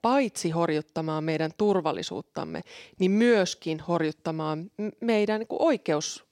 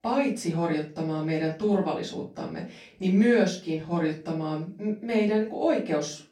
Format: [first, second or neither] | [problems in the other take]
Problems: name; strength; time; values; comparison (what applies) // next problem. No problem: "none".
first | off-mic speech; far // room echo; slight; dies away in 0.3 s